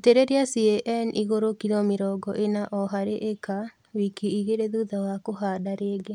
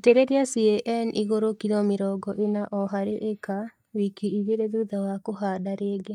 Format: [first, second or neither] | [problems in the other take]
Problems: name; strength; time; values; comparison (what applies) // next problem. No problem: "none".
first | noise reduction (neural mask model DeepFilterNet 3)